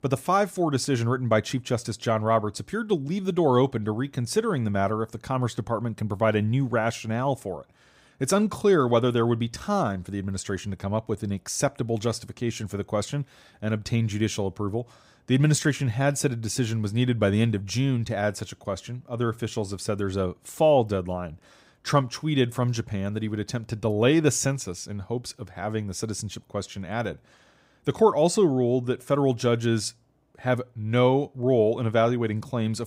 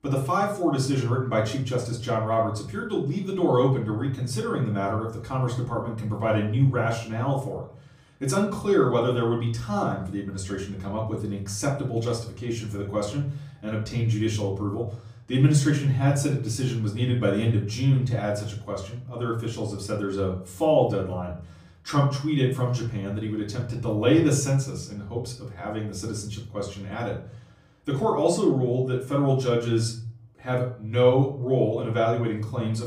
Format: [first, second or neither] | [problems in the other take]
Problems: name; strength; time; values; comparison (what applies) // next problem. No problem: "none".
first | off-mic speech; far // room echo; slight; dies away in 0.5 s